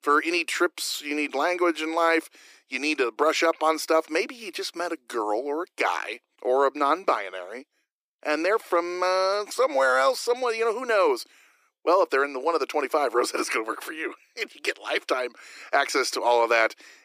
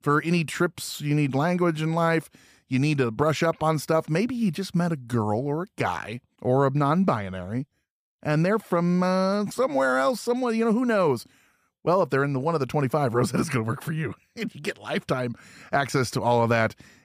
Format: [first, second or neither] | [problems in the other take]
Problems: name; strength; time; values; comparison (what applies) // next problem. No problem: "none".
second | thin; very; fading below 300 Hz